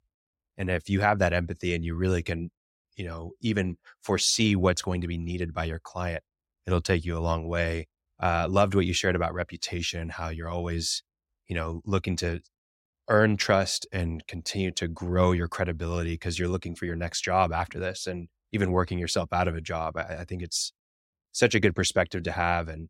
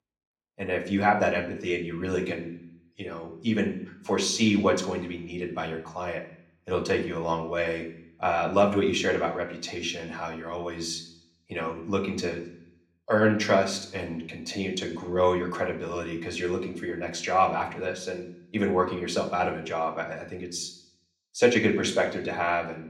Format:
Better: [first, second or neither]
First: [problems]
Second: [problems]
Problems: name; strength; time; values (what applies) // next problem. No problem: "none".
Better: first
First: none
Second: room echo; slight; dies away in 0.7 s // off-mic speech; somewhat distant